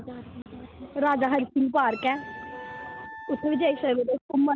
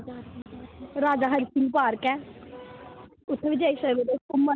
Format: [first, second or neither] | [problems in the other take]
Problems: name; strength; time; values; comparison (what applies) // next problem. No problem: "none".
second | background sound (Wind instrument, woodwind instrument); 15 dB below the speech